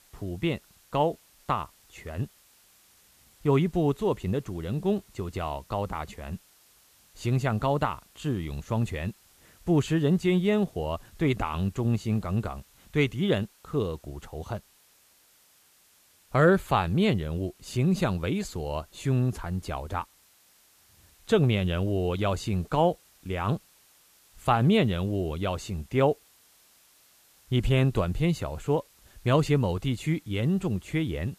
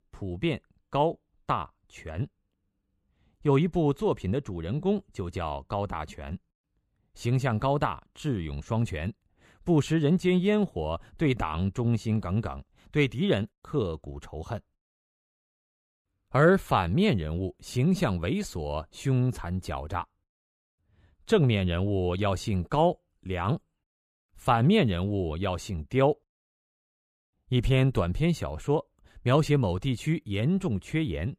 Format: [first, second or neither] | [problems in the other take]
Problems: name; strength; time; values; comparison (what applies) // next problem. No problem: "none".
second | hiss; faint; throughout; 30 dB below the speech